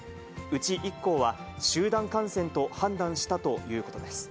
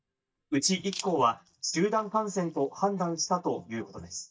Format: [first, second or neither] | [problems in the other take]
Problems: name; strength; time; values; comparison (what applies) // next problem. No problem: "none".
first | noise reduction (neural mask model DeepFilterNet 3)